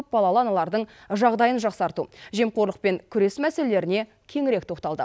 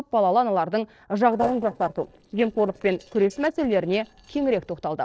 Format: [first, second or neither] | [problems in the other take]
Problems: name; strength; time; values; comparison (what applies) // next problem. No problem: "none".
first | noise reduction (neural separator model SepFormer DNS4)